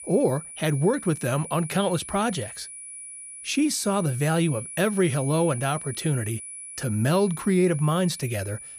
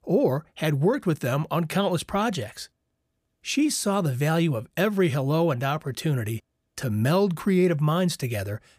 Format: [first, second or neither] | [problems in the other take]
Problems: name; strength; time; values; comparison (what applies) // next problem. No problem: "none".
second | high-pitched whine; noticeable; throughout; 10 kHz, 10 dB below the speech